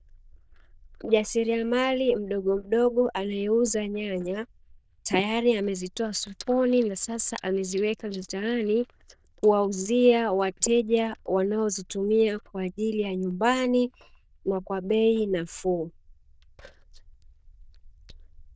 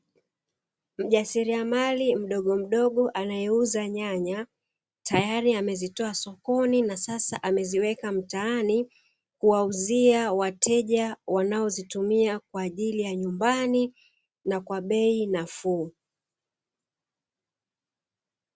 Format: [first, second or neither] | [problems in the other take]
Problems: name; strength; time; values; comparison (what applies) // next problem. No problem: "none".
second | noise reduction (neural diffusion model UNIVERSE++)